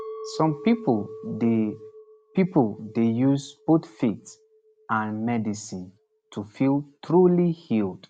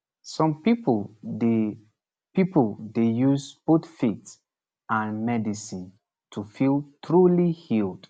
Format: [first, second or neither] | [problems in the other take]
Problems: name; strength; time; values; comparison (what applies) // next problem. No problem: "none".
second | background sound (Chink, clink); 19 dB below the speech